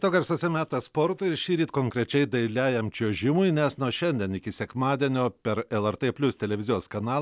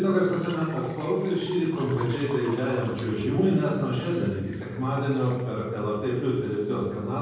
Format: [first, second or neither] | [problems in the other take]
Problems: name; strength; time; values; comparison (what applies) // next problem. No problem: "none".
first | background sound (Water / Liquid); 20 dB below the speech // room echo; dies away in 1.3 s